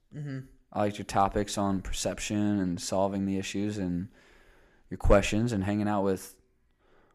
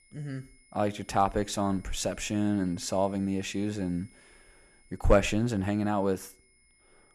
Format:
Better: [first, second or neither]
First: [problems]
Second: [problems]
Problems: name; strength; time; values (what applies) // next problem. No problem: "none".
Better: first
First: none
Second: high-pitched whine; faint; throughout; 2 kHz, 30 dB below the speech